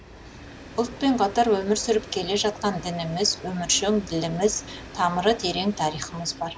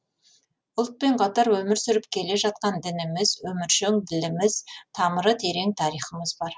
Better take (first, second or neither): second